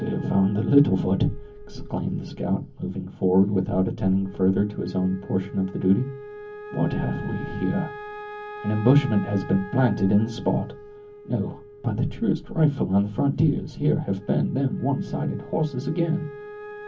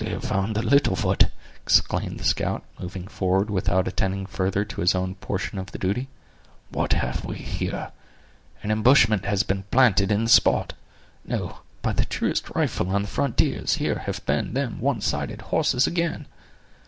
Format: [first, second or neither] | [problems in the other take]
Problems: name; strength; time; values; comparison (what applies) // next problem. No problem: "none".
second | background sound (Wind instrument, woodwind instrument); 17 dB below the speech // room echo; dies away in 0.3 s